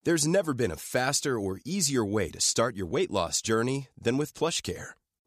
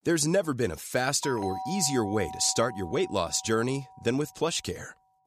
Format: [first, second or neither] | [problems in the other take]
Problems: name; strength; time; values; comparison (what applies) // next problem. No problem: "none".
first | doorbell; noticeable; from 1 to 4 s; peak 7 dB below the speech